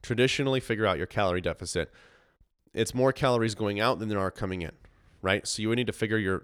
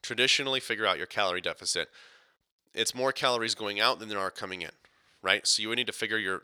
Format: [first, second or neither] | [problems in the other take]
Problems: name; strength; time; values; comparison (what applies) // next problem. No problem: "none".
first | thin; somewhat; fading below 1 kHz